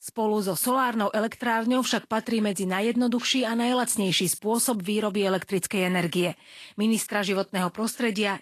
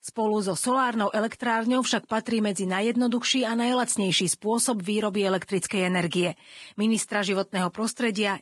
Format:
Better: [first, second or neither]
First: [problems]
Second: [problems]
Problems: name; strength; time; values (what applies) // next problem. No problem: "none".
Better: first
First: garbled, watery; slightly; nothing above 12.5 kHz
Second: garbled, watery; badly; nothing above 10.5 kHz